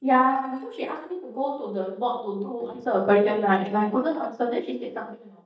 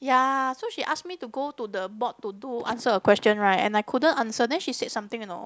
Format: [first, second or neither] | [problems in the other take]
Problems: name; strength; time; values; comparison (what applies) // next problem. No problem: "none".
second | noise reduction (neural mask model DeepFilterNet 3)